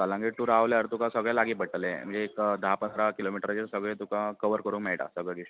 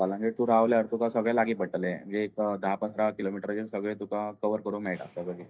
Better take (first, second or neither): first